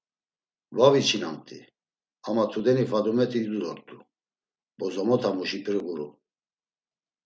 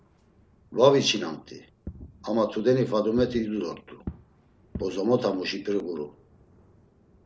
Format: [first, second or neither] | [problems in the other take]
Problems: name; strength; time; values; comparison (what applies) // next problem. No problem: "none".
first | background sound (Fireworks); 19 dB below the speech